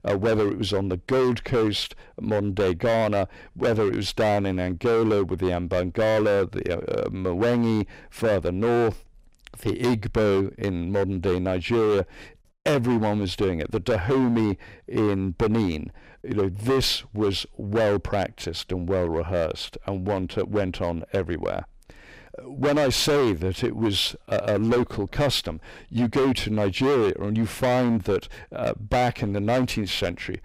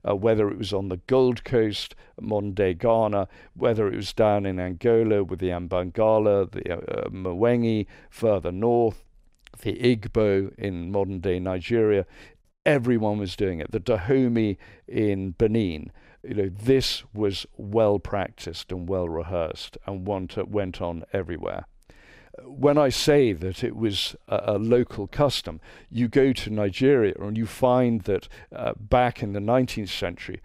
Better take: second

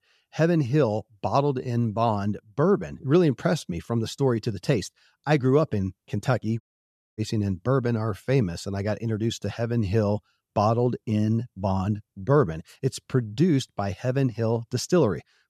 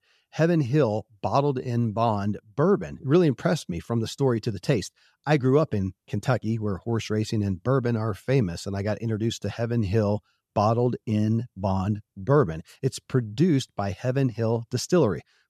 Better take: second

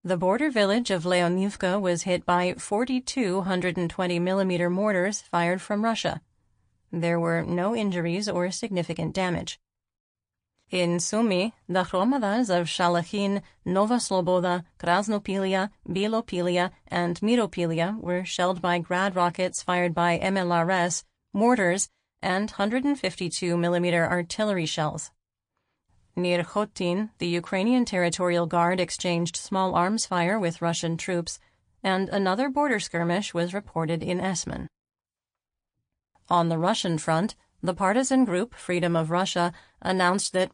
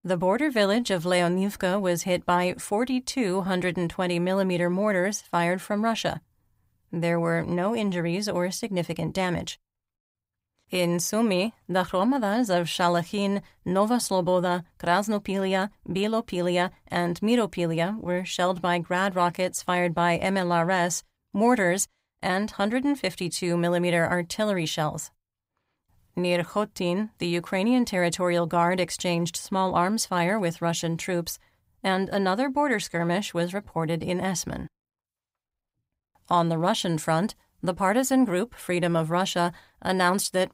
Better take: second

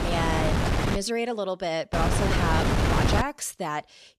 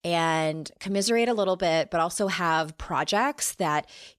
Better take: second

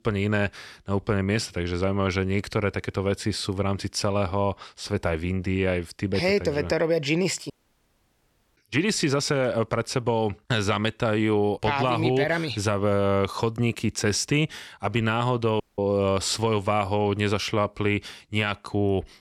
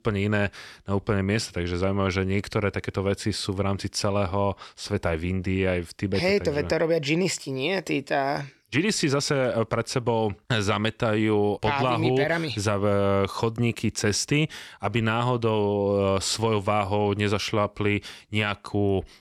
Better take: second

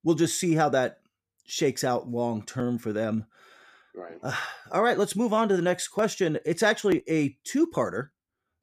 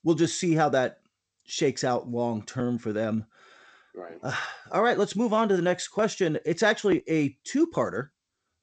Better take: first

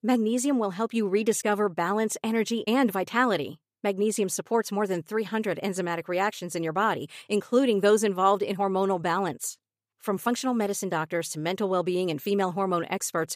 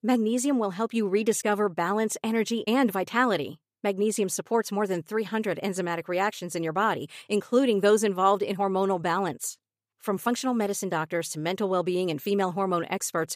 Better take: neither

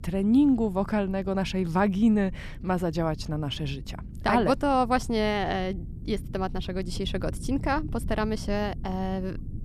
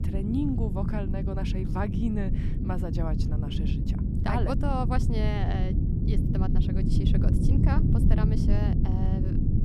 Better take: first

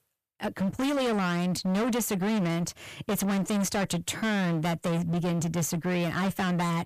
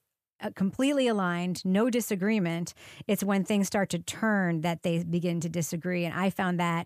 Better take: second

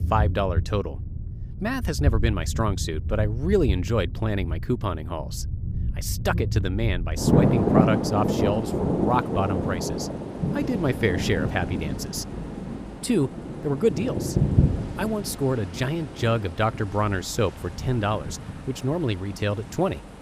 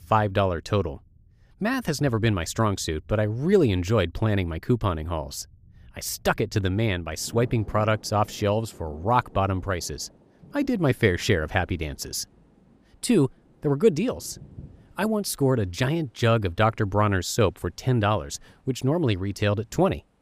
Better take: second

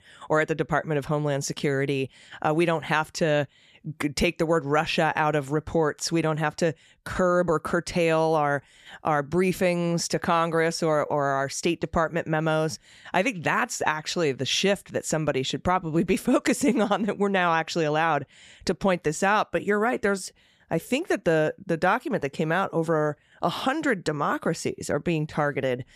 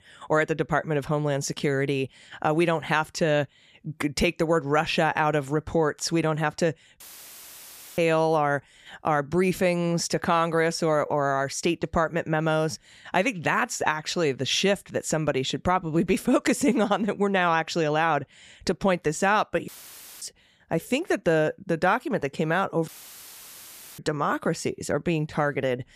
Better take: first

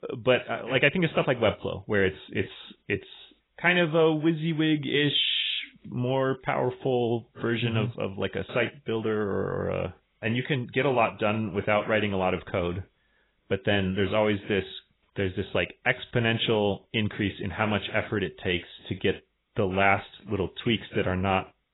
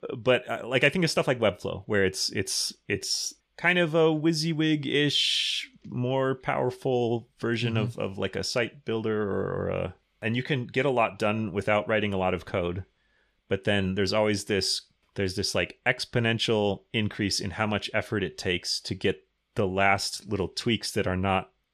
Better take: second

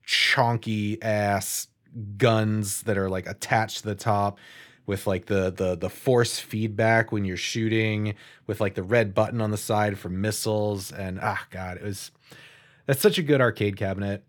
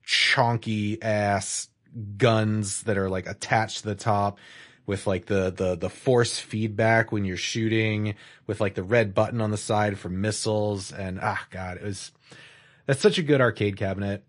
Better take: first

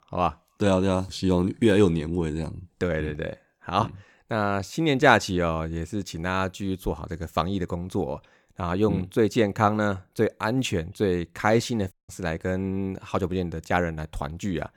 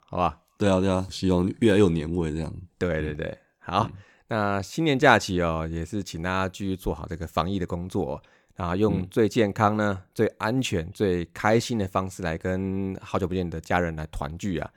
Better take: second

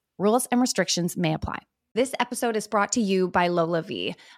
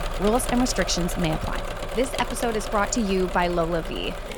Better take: first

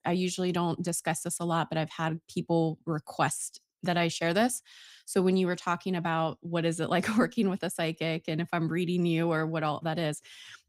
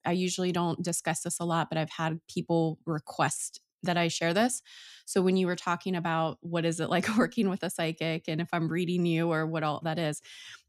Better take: second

